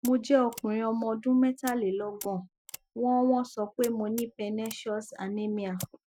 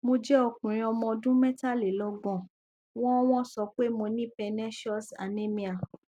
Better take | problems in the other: second | noise reduction (classical method Wiener filter)

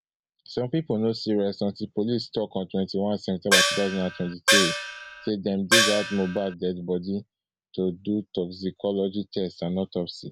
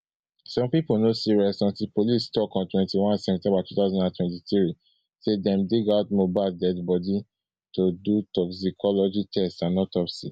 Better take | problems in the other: second | background sound (Gong); 4 dB above the speech

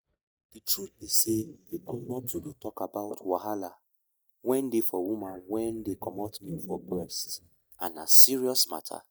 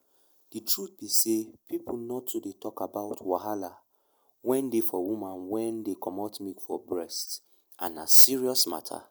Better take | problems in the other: second | noise reduction (neural mask model DeepFilterNet 3)

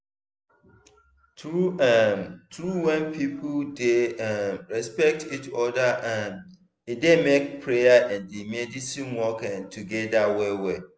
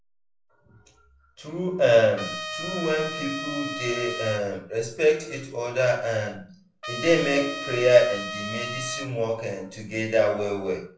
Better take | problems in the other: first | background sound (Trumpet); 8 dB below the speech // room echo; dies away in 0.3 s

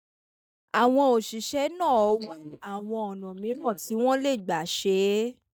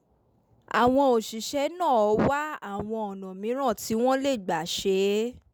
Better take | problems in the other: second | noise reduction (neural mask model DeepFilterNet 3)

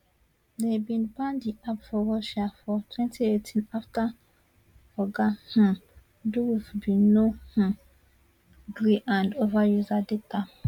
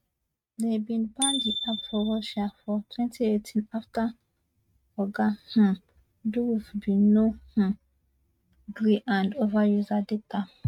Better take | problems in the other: first | noise reduction (neural mask model RNNoise)

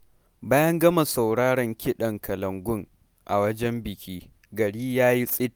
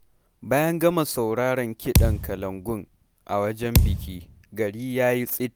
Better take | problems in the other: first | background sound (Thump, thud); 2 dB above the speech

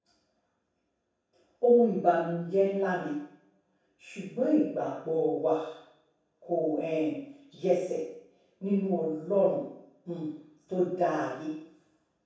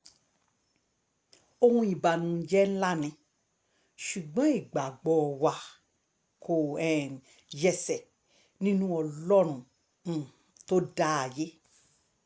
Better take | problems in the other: second | room echo; dies away in 0.7 s

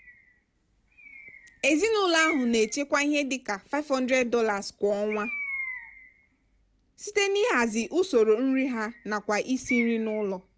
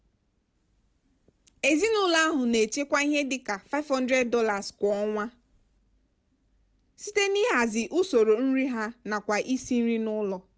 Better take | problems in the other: second | background sound (Bird); 14 dB below the speech

